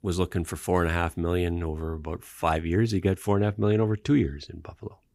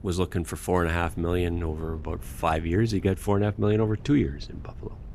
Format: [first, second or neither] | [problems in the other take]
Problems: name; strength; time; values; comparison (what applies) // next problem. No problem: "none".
first | wind noise on the microphone; occasional gusts; 25 dB below the speech